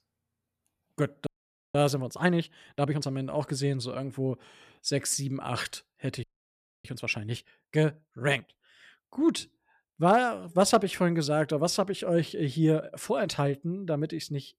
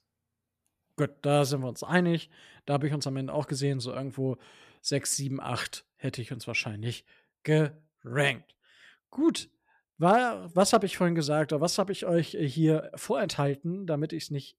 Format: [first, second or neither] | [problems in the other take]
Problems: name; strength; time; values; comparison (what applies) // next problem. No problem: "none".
second | audio freezing; at 1.5 s and at 6 s for 0.5 s